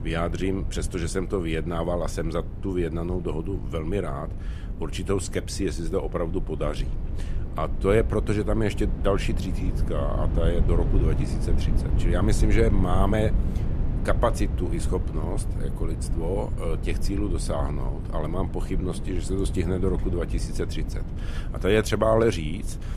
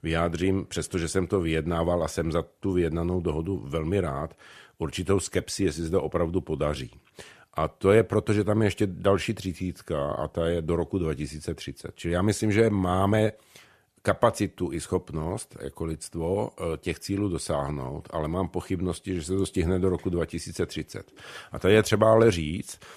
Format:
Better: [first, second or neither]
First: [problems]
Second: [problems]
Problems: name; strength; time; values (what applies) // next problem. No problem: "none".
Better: second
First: low rumble; noticeable; throughout; 10 dB below the speech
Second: none